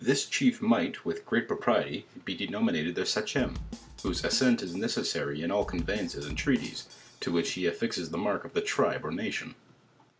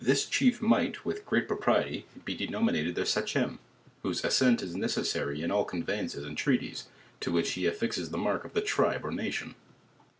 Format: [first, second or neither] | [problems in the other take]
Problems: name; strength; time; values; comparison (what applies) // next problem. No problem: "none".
second | background sound (Bass drum / Snare drum); 13 dB below the speech